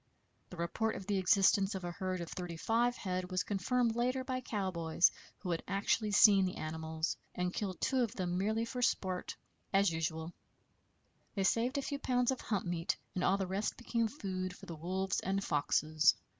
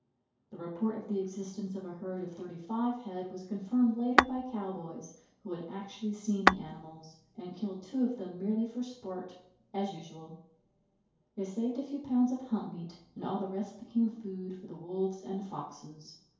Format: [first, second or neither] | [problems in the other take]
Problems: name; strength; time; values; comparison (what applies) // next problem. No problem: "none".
first | background sound (Tap / Glass); 3 dB above the speech // room echo; dies away in 2.4 s